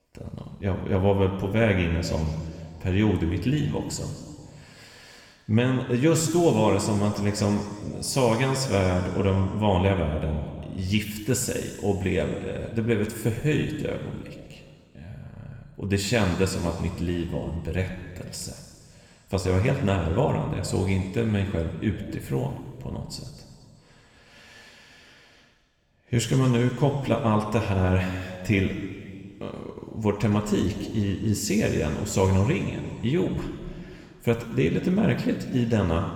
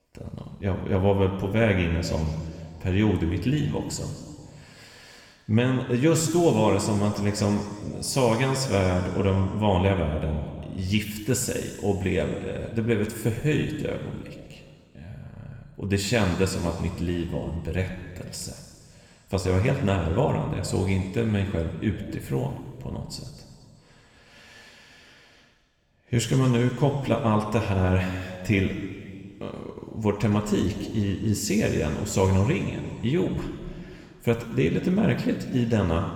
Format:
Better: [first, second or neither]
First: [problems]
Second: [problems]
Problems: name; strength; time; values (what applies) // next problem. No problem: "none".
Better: neither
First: room echo; noticeable; dies away in 2 s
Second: room echo; noticeable; dies away in 2 s